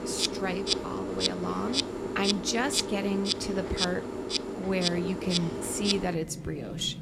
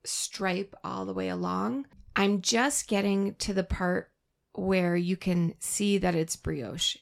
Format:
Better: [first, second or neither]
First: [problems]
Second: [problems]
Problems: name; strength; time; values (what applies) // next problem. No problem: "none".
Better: second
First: animal sounds; very loud; throughout; 1 dB above the speech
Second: none